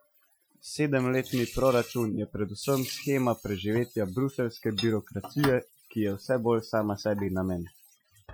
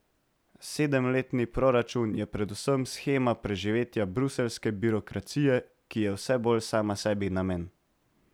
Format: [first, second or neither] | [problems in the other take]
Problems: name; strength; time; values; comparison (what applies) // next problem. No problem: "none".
second | noise reduction (classical method Wiener filter)